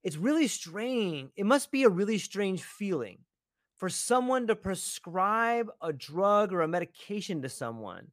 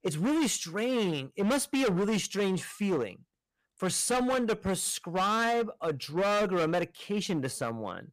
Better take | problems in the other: first | distortion; heavy; 17% of the sound clipped

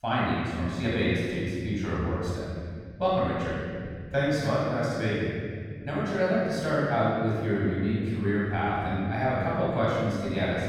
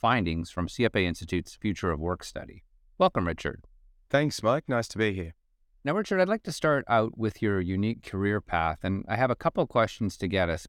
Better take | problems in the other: second | room echo; strong; dies away in 2.6 s // off-mic speech; far

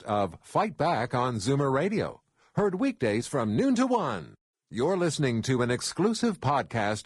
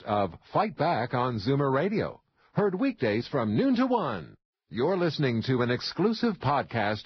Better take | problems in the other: first | garbled, watery; badly; nothing above 5 kHz; slightly in the first

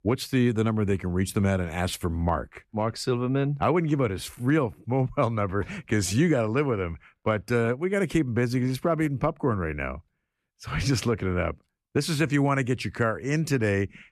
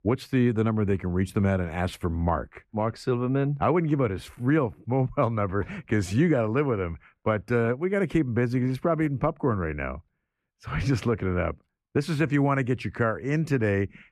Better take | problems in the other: first | muffled; slightly; fading above 3 kHz

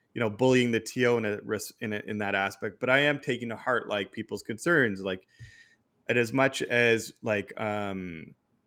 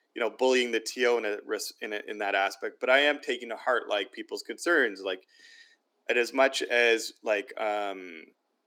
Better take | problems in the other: first | thin; somewhat; fading below 300 Hz

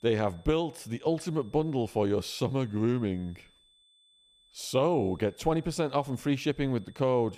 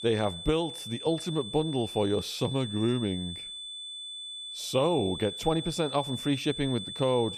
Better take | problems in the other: first | high-pitched whine; loud; throughout; 3.5 kHz, 8 dB below the speech; faint in the first

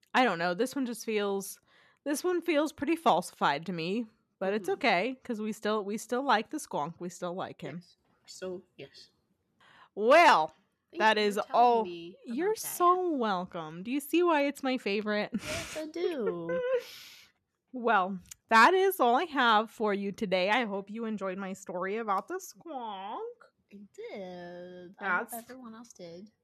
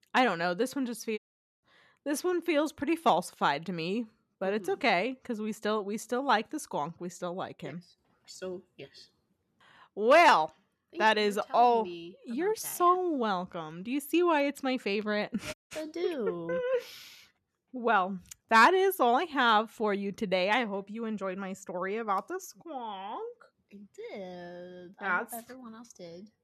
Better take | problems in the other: first | audio cutting out; at 1 s and at 16 s

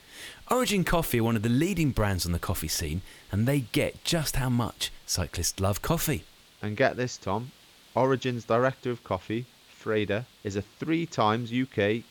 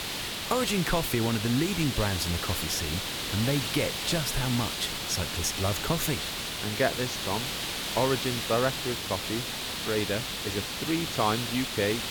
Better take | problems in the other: first | hiss; loud; throughout; 1 dB below the speech; faint in the first

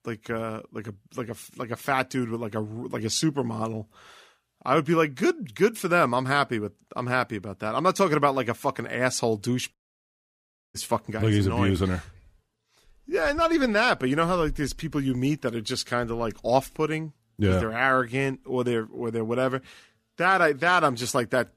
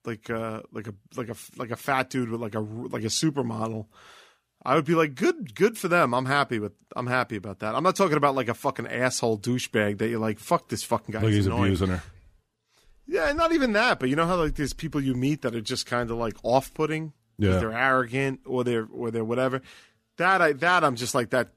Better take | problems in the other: second | audio cutting out; at 9.5 s for 1 s

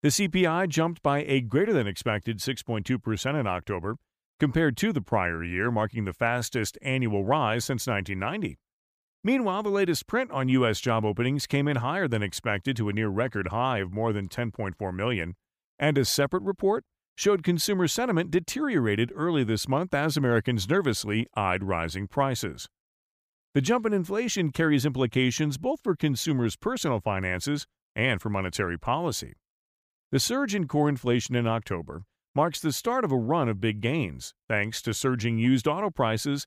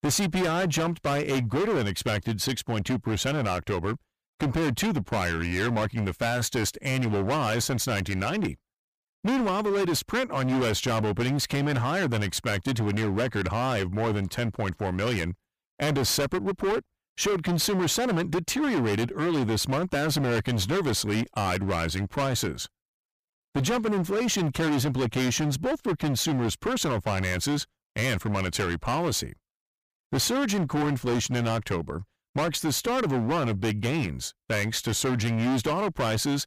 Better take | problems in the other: first | distortion; heavy; 25% of the sound clipped

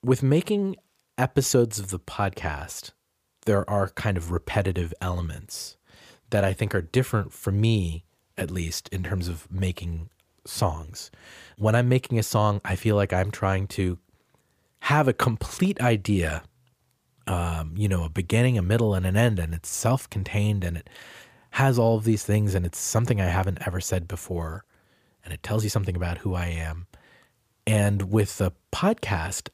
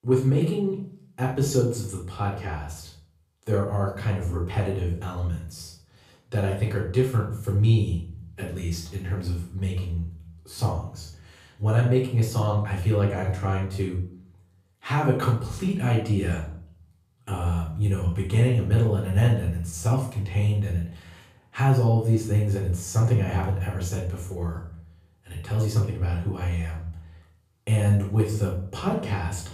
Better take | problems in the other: first | off-mic speech; far // room echo; noticeable; dies away in 0.5 s

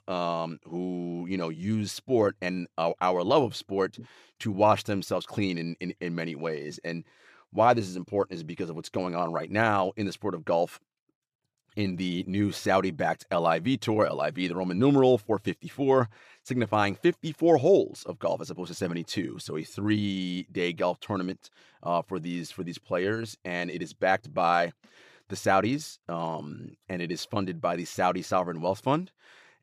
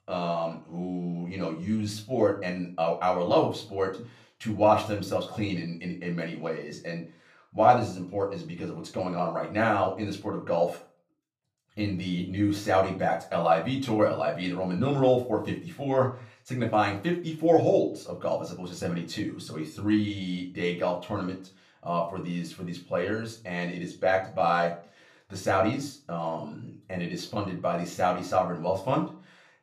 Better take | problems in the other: first | off-mic speech; somewhat distant // room echo; slight; dies away in 0.3 s

